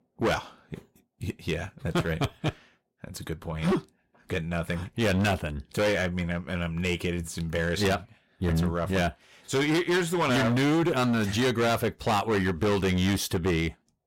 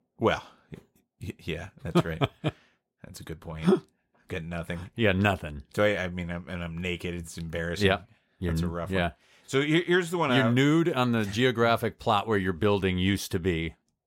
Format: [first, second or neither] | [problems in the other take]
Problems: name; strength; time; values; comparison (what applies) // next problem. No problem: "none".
second | distortion; heavy; 13% of the sound clipped